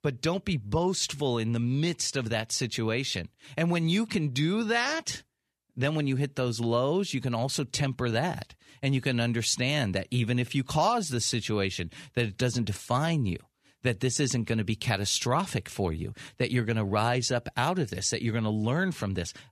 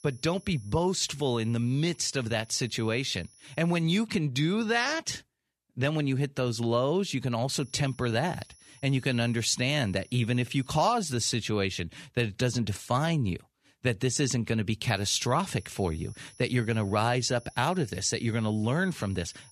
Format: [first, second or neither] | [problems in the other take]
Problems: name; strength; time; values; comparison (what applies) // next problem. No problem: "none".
first | high-pitched whine; faint; until 4 s, from 7.5 to 11 s and from 15 s on; 10.5 kHz, 25 dB below the speech